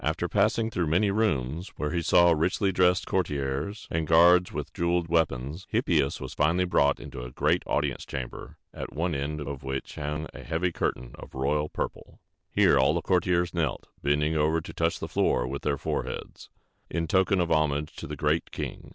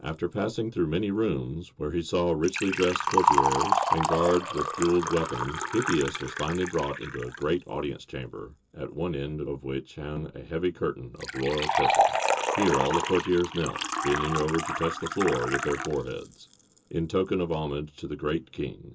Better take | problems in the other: first | background sound (Liquid); 2 dB below the speech // room echo; dies away in 0.2 s

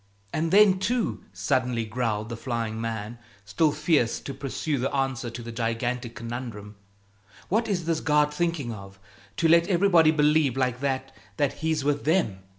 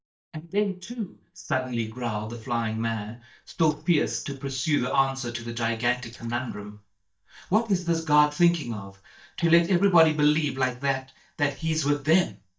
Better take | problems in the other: first | noise reduction (neural mask model DeepFilterNet 3)

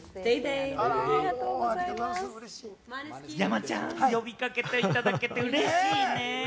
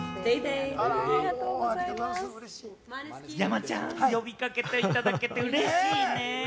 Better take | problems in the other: first | background sound (Acoustic guitar / Strum); 19 dB below the speech

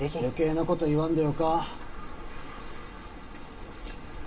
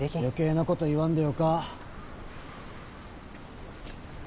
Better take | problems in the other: second | room echo; dies away in 0.2 s

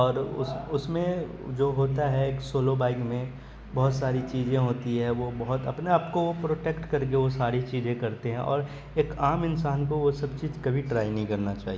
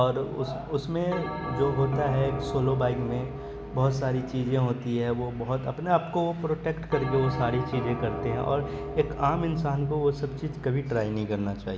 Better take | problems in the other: first | background sound (Bell); 10 dB below the speech

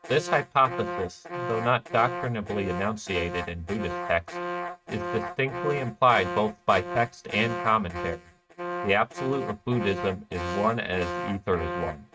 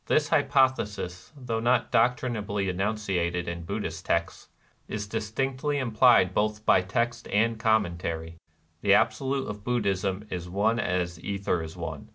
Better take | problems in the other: second | noise reduction (neural mask model RNNoise)

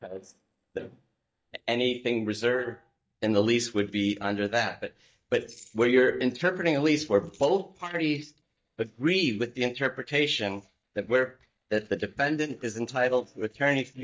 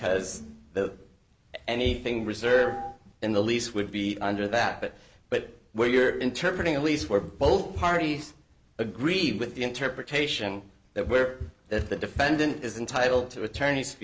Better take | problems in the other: second | noise reduction (neural mask model DeepFilterNet 3)

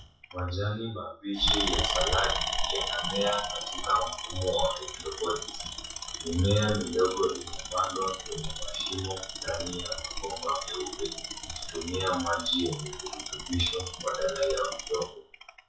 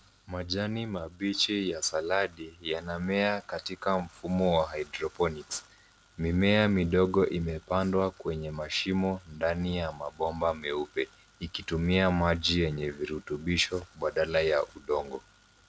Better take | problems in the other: second | noise reduction (classical method WPE with log-MMSE)

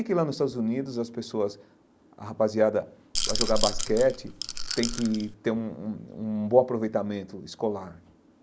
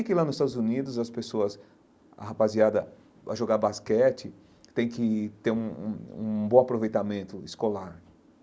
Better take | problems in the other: second | background sound (Rattle / Rattle (instrument)); 1 dB below the speech

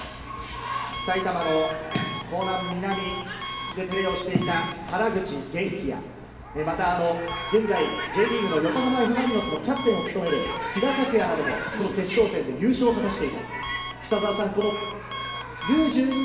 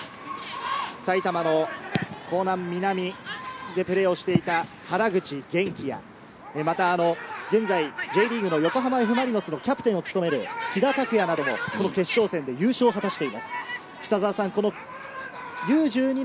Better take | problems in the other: second | background sound (Alarm); 11 dB below the speech // room echo; dies away in 1.2 s

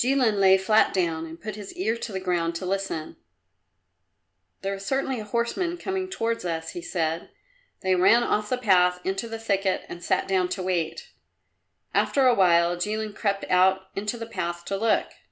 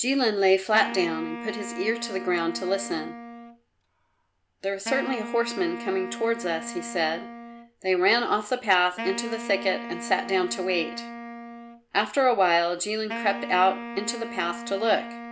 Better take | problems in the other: first | background sound (Wind instrument, woodwind instrument); 11 dB below the speech

